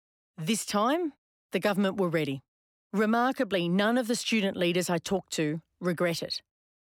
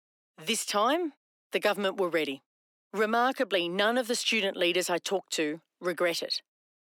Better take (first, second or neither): first